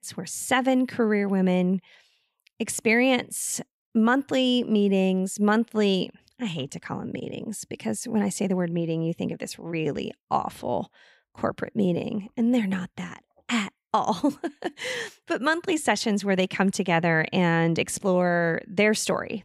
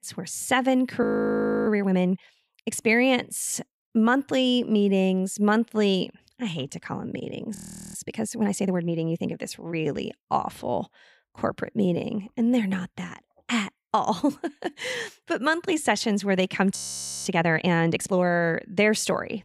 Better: first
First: none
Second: audio freezing; at 1 s for 0.5 s, at 7.5 s and at 17 s for 0.5 s

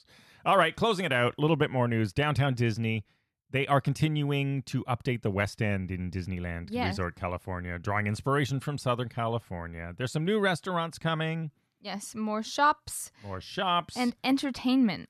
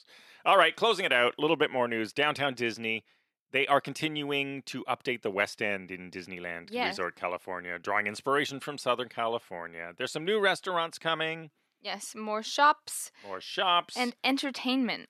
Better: first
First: none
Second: thin; somewhat; fading below 400 Hz

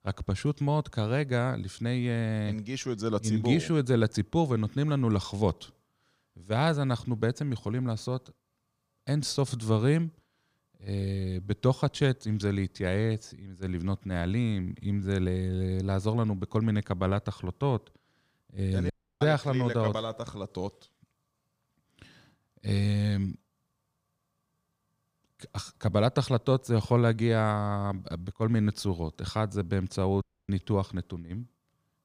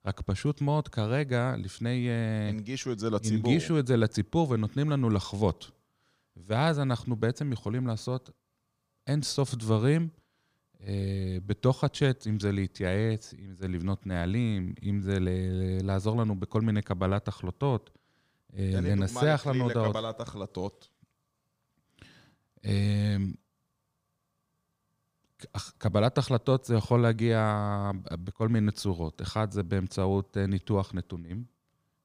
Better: second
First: audio cutting out; at 19 s and at 30 s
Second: none

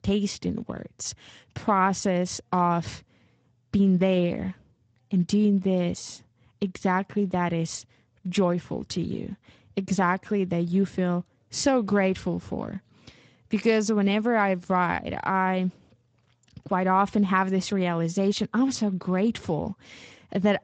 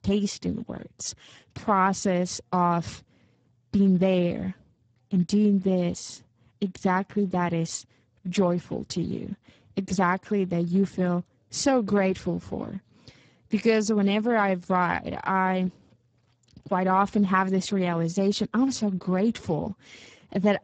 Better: first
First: garbled, watery; slightly; nothing above 8 kHz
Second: garbled, watery; badly; nothing above 7.5 kHz

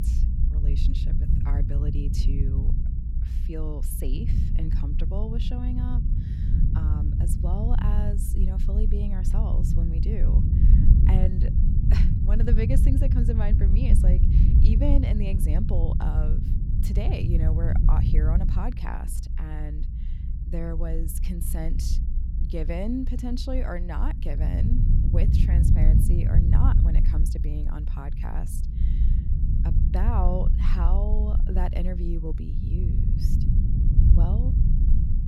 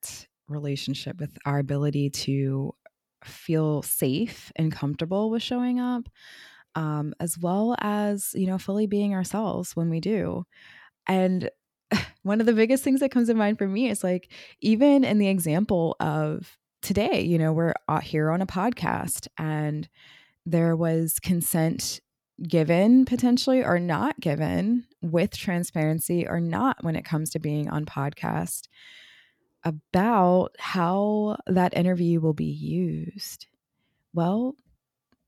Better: second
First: low rumble; loud; throughout; 2 dB below the speech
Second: none

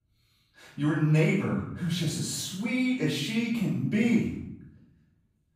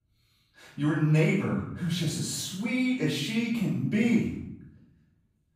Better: neither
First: off-mic speech; far // room echo; noticeable; dies away in 0.7 s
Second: off-mic speech; far // room echo; noticeable; dies away in 0.7 s

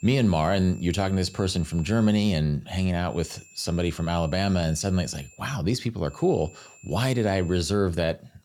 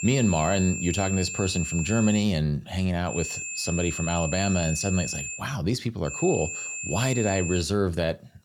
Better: first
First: high-pitched whine; faint; until 2 s, from 3 to 5.5 s and from 6 to 7.5 s; 2.5 kHz, 25 dB below the speech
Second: high-pitched whine; loud; until 2 s, from 3 to 5.5 s and from 6 to 7.5 s; 2.5 kHz, 5 dB below the speech

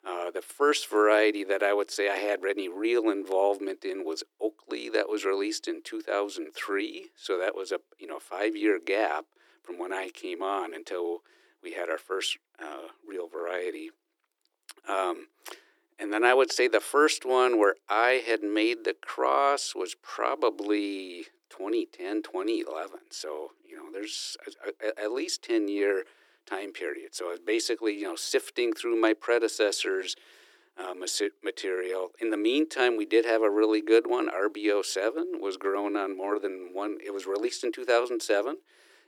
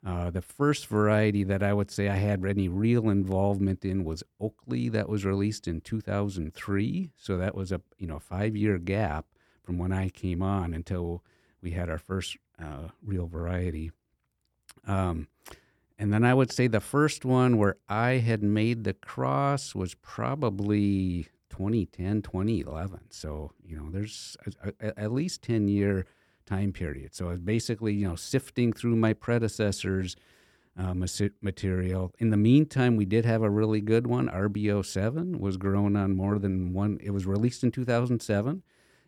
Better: second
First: thin; very; fading below 300 Hz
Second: none

